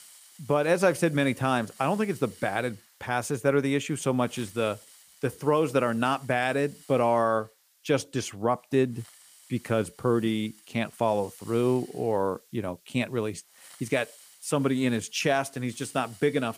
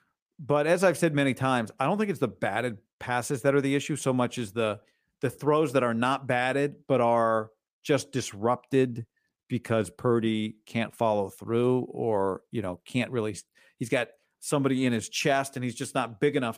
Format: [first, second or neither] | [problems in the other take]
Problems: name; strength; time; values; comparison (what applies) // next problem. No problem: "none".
second | hiss; faint; throughout; 25 dB below the speech